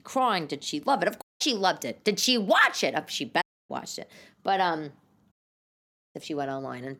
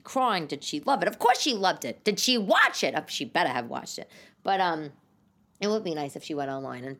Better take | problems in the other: second | audio cutting out; at 1 s, at 3.5 s and at 5.5 s for 1 s

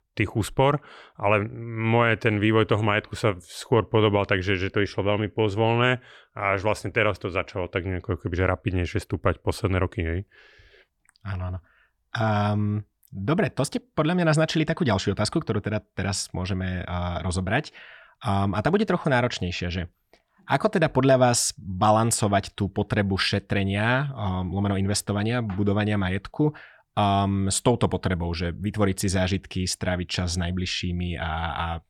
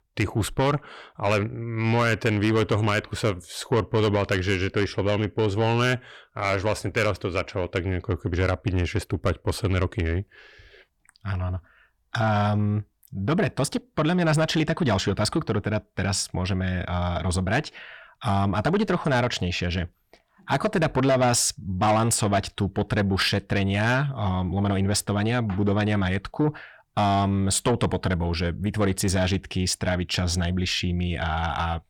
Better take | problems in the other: first | distortion; slight; 10 dB below the speech

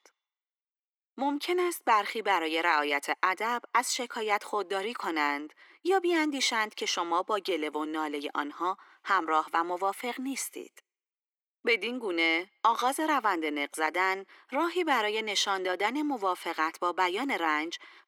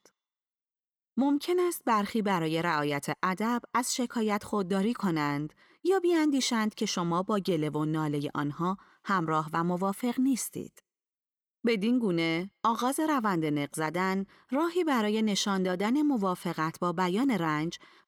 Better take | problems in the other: second | thin; somewhat; fading below 300 Hz

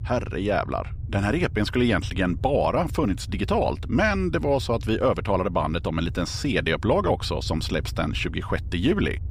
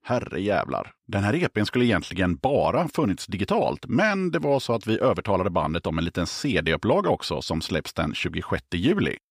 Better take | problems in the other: second | low rumble; faint; throughout; 25 dB below the speech

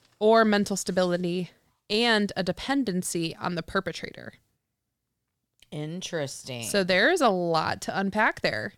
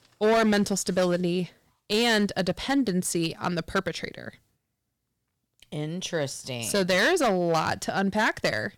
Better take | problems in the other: first | distortion; slight; 6% of the sound clipped

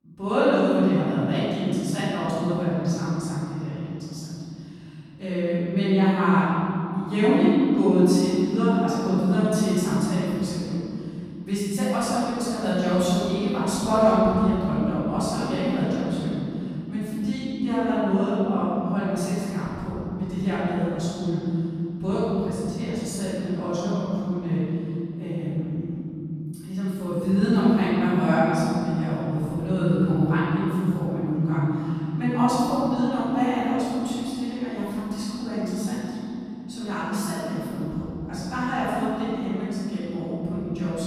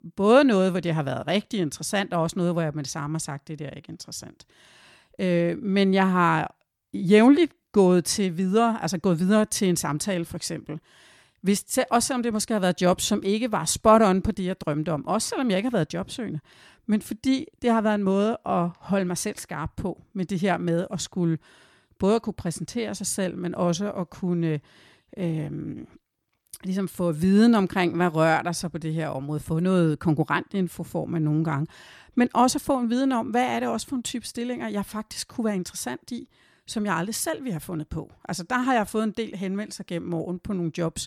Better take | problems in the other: second | off-mic speech; far // room echo; strong; dies away in 3 s

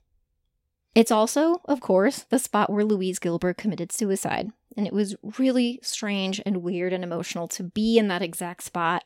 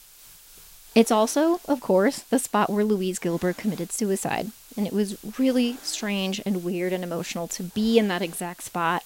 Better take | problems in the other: first | hiss; faint; throughout; 20 dB below the speech

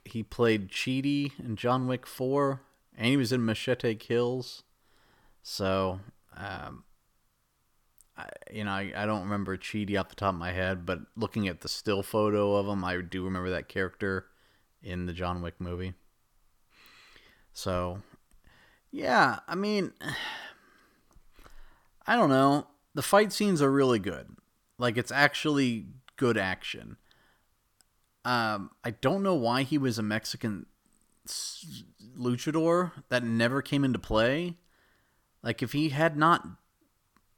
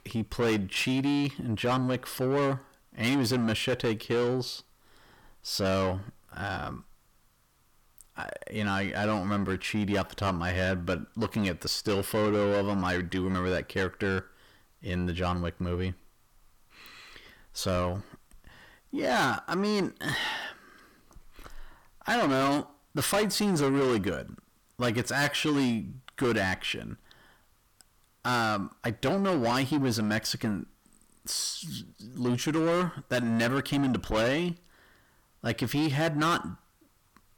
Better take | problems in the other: first | distortion; heavy; 7 dB below the speech

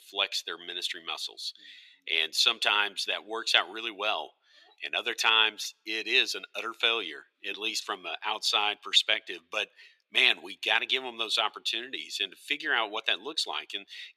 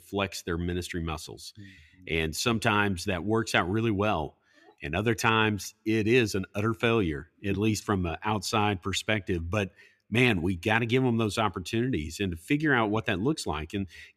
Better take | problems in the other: second | thin; very; fading below 500 Hz

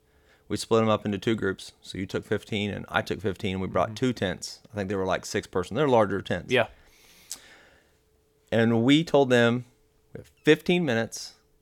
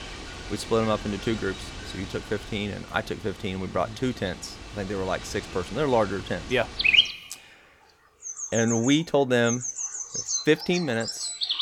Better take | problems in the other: first | animal sounds; loud; throughout; 2 dB below the speech

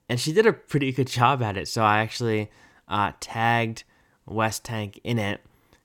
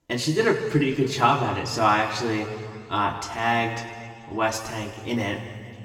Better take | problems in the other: first | room echo; noticeable; dies away in 1.9 s // off-mic speech; far

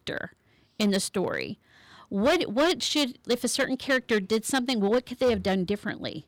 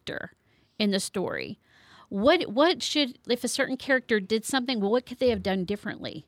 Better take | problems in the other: second | distortion; slight; 4% of the sound clipped

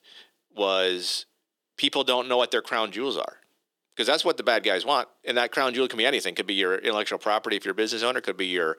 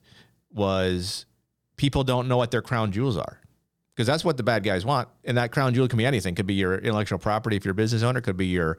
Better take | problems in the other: second | thin; somewhat; fading below 300 Hz

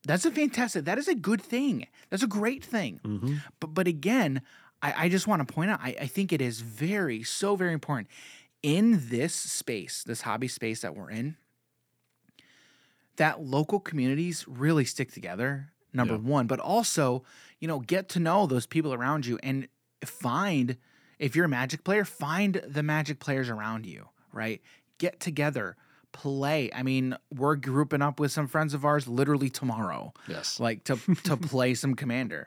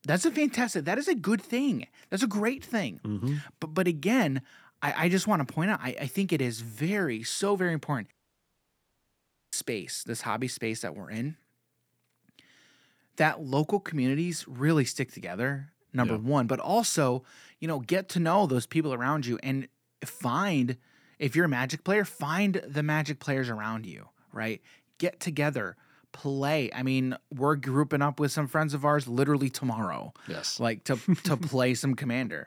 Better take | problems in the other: first | audio cutting out; at 8 s for 1.5 s

